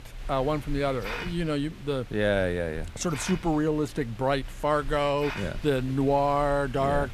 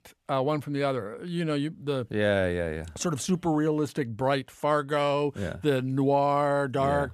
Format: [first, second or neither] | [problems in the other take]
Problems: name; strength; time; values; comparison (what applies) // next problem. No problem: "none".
second | hiss; noticeable; throughout; 15 dB below the speech